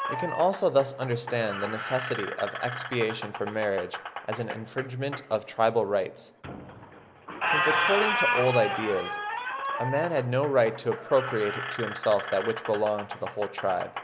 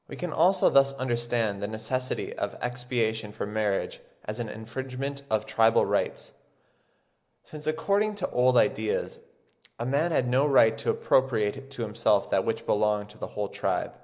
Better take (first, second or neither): second